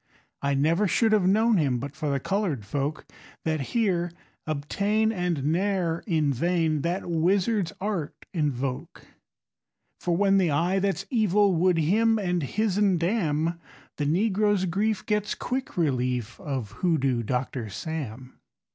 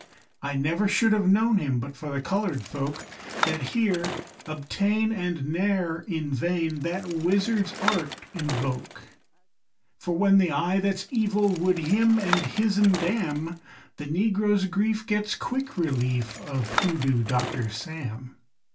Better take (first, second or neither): first